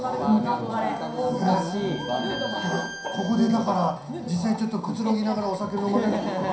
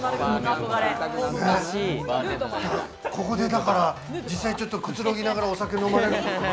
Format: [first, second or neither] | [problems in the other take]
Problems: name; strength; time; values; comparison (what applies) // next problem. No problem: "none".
second | background sound (Bowed string instrument); 16 dB below the speech // room echo; dies away in 0.5 s